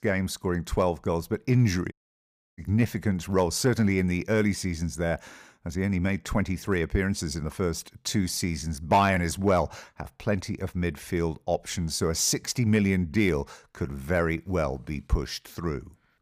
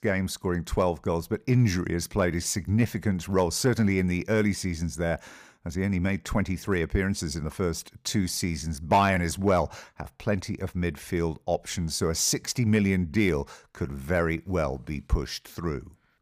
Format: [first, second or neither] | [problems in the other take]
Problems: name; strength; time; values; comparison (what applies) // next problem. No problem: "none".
second | audio cutting out; at 2 s for 0.5 s